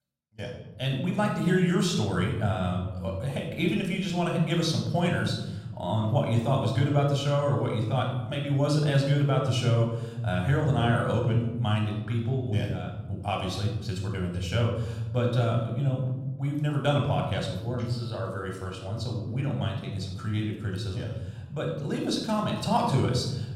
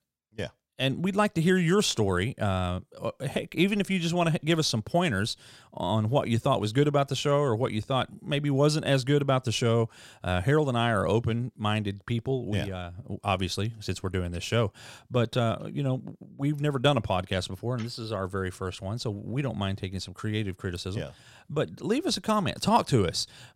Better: second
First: room echo; noticeable; dies away in 1.5 s // off-mic speech; somewhat distant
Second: none

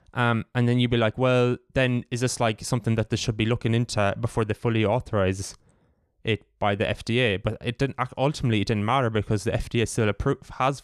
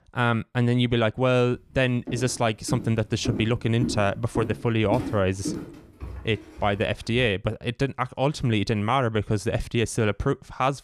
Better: first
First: none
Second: footsteps; noticeable; from 2 to 7.5 s; peak 6 dB below the speech

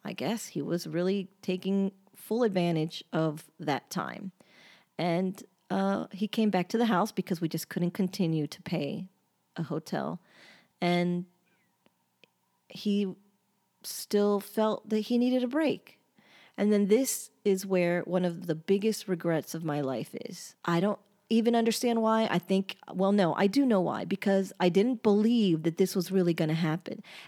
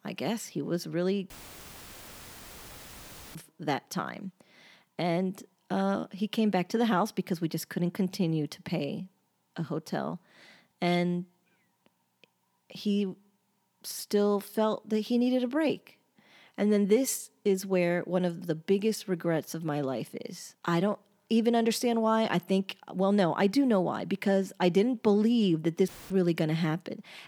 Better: first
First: none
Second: audio cutting out; filled with static; at 1.5 s for 2 s and at 26 s

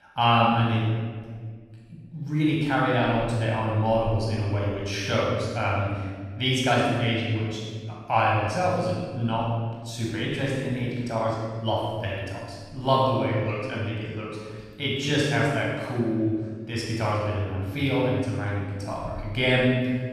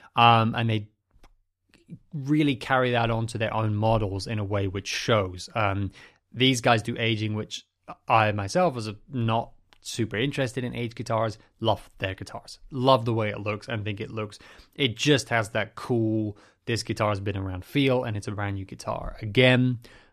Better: second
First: off-mic speech; far // room echo; strong; dies away in 1.4 s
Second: none

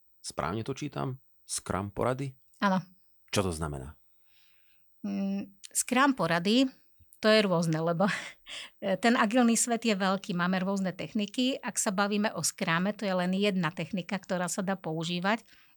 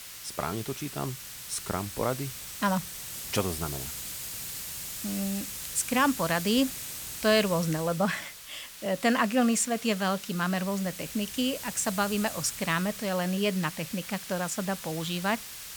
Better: first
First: none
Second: hiss; loud; throughout; 8 dB below the speech

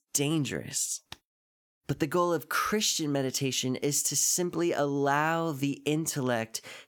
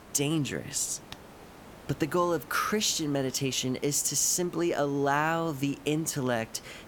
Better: first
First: none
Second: hiss; faint; throughout; 20 dB below the speech

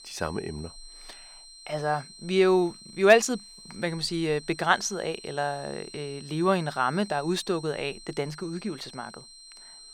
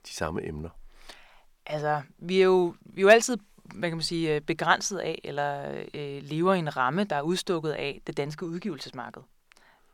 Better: second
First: high-pitched whine; noticeable; throughout; 4 kHz, 20 dB below the speech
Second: none

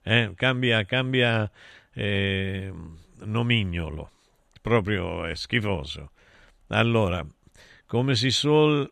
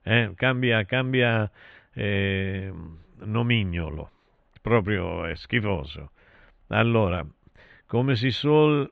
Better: first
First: none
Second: muffled; slightly; fading above 3 kHz

